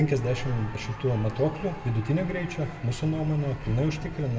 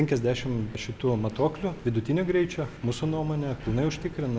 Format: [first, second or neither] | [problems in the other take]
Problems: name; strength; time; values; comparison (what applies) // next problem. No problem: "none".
second | background sound (Cheering); 18 dB below the speech // room echo; dies away in 1.1 s